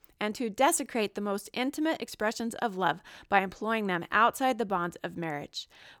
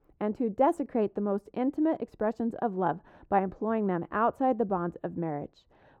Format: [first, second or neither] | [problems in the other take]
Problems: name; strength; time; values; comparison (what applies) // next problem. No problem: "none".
first | muffled; very; fading above 2 kHz